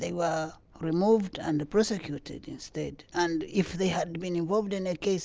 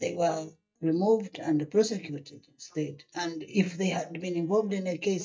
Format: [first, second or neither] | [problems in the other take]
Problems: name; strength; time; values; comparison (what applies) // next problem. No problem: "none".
first | noise reduction (neural mask model DeepFilterNet 3)